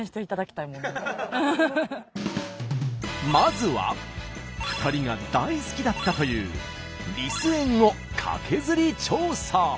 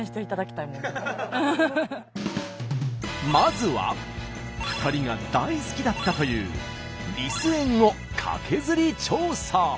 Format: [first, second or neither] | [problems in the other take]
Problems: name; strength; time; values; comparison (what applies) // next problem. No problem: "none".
first | background sound (Bowed string instrument); 16 dB below the speech